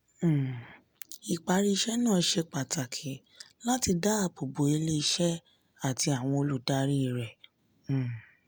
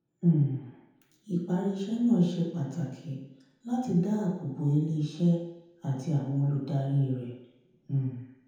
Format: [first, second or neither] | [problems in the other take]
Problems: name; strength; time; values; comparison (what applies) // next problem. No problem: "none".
first | room echo; dies away in 0.9 s